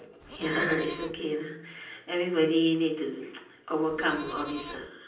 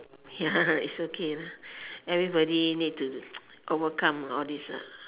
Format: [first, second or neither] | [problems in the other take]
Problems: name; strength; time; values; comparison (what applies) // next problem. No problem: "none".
second | background sound (Livestock, farm animals, working animals); 14 dB below the speech // room echo; dies away in 0.6 s